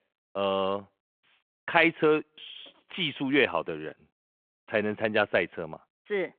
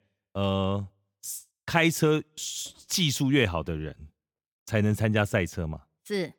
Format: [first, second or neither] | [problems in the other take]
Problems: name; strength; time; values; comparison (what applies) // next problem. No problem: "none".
second | phone-call audio